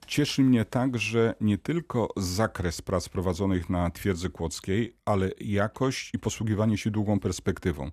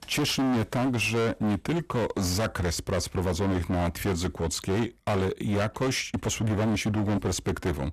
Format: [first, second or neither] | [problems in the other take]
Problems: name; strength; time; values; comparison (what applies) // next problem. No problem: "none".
first | distortion; heavy; 28% of the sound clipped